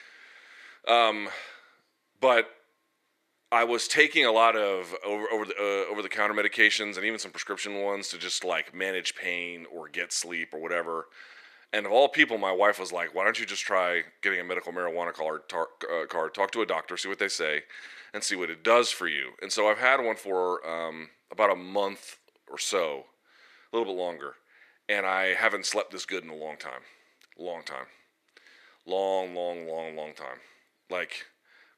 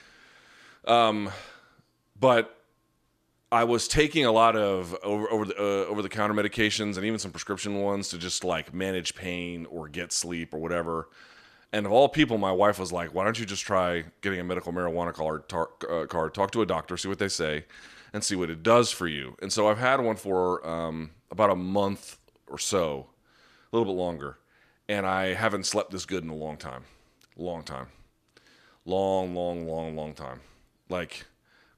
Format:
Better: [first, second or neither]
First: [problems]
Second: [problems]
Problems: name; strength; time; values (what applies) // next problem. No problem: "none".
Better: second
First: thin; somewhat; fading below 400 Hz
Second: none